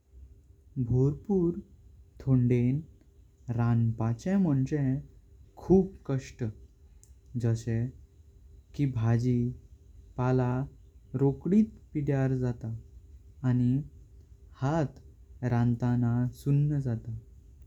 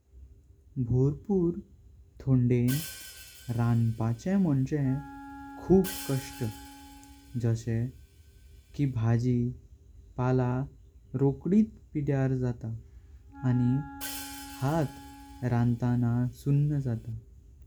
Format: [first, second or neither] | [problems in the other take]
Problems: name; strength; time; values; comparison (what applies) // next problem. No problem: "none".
first | background sound (Wind instrument, woodwind instrument + Hi-hat); 16 dB below the speech